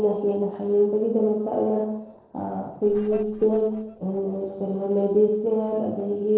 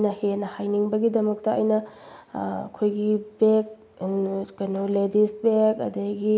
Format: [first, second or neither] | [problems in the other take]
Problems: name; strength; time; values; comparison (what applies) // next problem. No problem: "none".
second | noise reduction (neural separator model SepFormer DNS4)